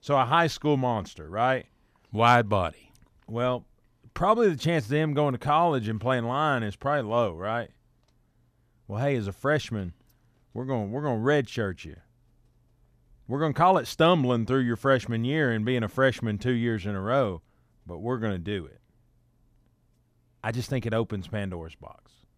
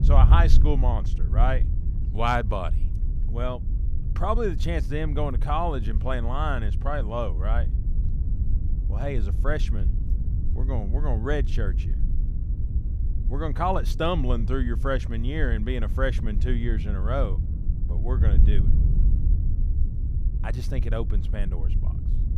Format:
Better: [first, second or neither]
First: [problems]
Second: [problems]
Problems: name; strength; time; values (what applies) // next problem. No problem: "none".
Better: first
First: none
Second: wind noise on the microphone; occasional gusts; 15 dB below the speech